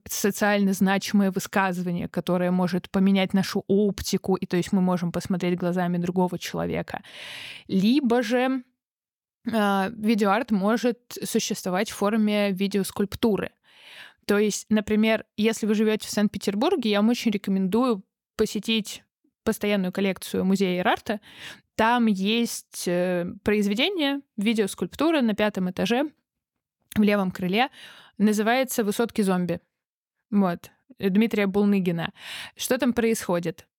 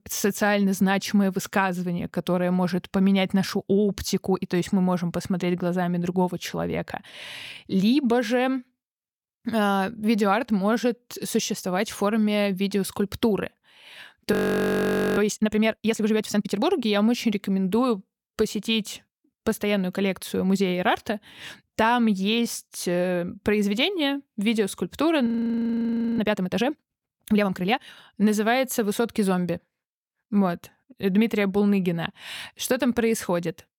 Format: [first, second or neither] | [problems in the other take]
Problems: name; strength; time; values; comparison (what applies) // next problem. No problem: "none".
first | audio freezing; at 14 s for 1 s and at 25 s for 1 s